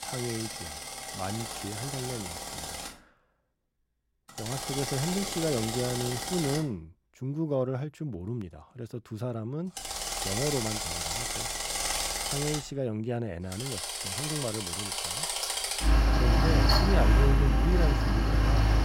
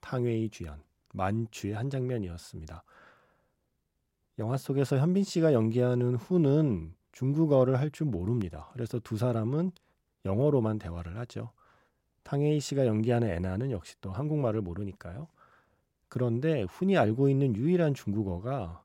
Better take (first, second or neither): second